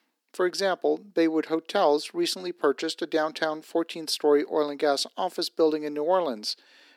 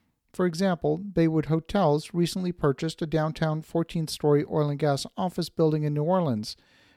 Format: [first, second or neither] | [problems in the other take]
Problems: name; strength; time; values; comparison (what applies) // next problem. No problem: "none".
second | thin; somewhat; fading below 300 Hz